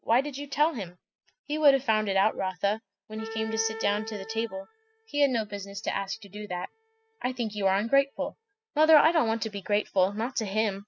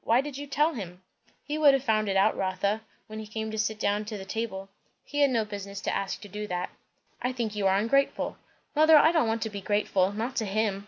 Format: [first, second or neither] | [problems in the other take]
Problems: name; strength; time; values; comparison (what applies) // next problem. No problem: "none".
second | noise reduction (classical method spectral subtraction)